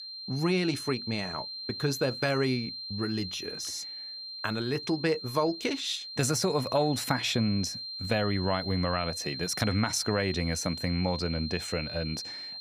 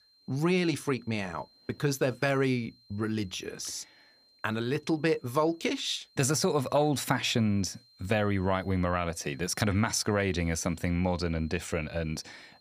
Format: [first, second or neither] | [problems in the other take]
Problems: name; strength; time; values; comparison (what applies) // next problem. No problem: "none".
second | high-pitched whine; loud; throughout; 4 kHz, 7 dB below the speech; faint in the second